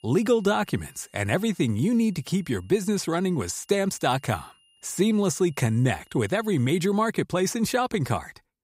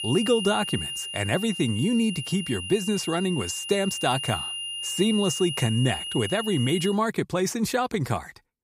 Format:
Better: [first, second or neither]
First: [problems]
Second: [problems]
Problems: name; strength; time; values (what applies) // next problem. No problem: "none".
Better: first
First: high-pitched whine; faint; until 7 s; 3 kHz, 35 dB below the speech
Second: high-pitched whine; loud; until 7 s; 3 kHz, 5 dB below the speech